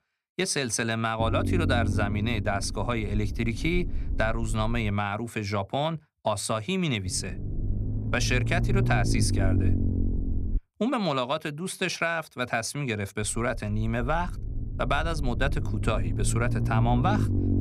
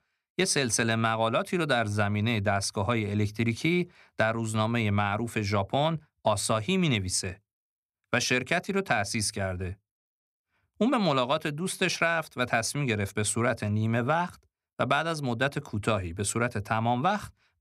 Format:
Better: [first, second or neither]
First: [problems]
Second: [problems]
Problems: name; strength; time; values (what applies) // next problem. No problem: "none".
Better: second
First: low rumble; noticeable; from 1 to 5 s, from 7 to 11 s and from 13 s on; 10 dB below the speech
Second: none